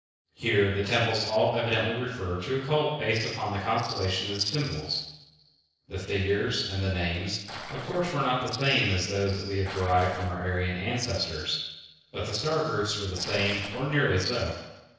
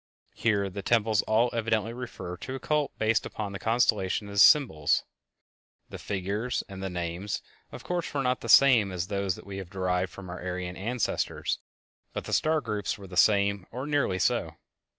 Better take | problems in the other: second | noise reduction (neural separator model SepFormer DNS4)

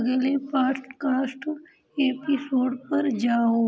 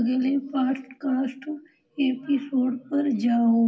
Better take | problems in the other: first | room echo; dies away in 0.2 s

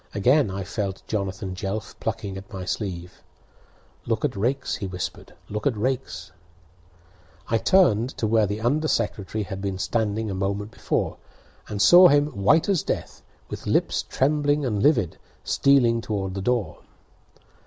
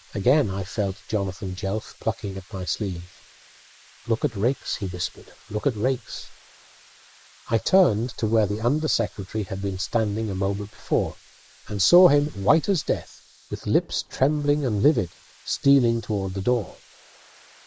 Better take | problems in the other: first | noise reduction (neural mask model Resemble Enhance denoiser)

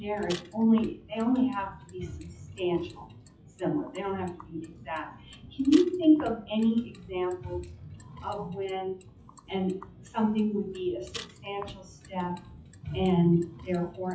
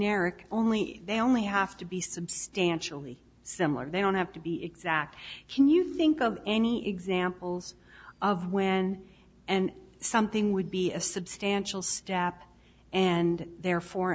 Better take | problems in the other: second | noise reduction (classical method WPE with log-MMSE)

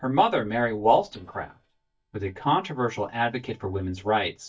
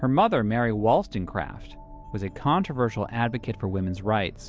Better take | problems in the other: second | noise reduction (neural mask model DeepFilterNet 3)

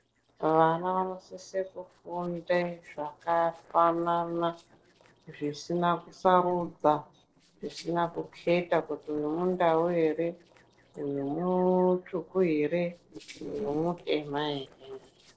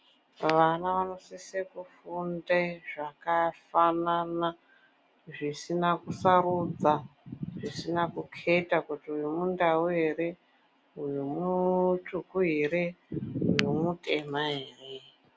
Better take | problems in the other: second | noise reduction (neural separator model SepFormer DNS4)

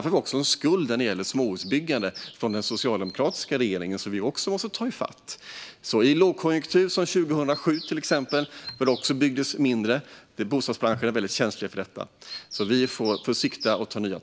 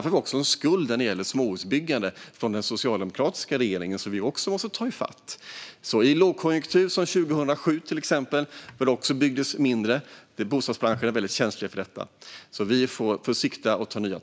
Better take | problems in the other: second | background sound (Bird vocalization, bird call, bird song); 19 dB below the speech

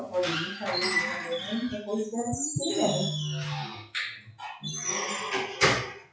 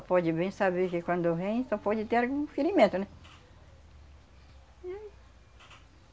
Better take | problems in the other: second | noise reduction (classical method WPE with log-MMSE)

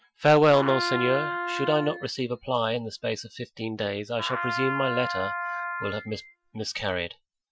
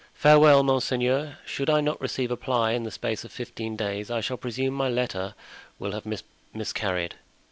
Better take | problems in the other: second | noise reduction (classical method Wiener filter)

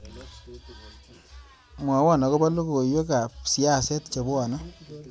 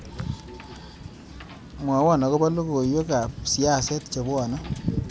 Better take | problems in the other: first | background sound (Wind / Boat, Water vehicle); 10 dB below the speech

